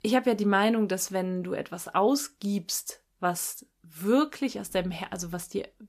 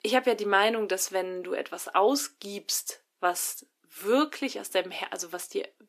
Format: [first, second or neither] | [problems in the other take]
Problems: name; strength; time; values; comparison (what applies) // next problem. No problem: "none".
first | thin; somewhat; fading below 300 Hz